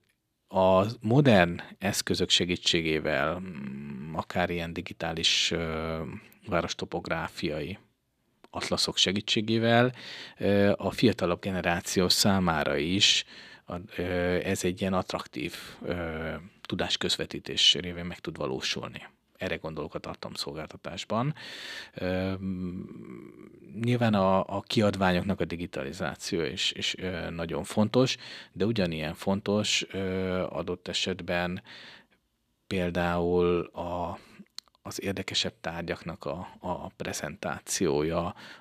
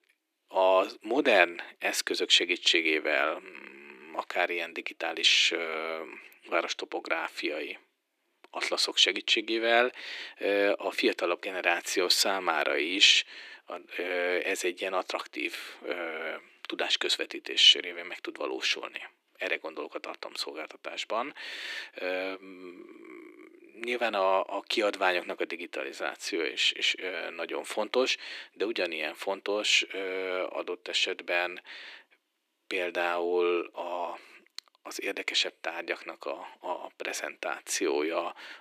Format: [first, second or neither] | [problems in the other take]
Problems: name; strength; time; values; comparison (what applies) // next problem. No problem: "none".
first | thin; very; fading below 300 Hz